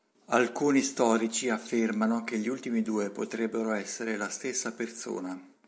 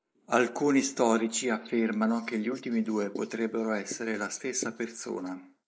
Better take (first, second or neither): first